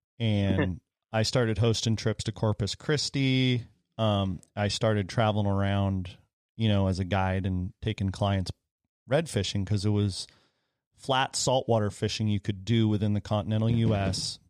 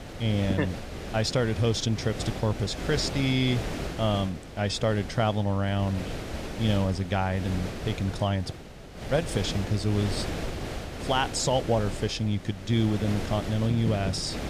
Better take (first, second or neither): first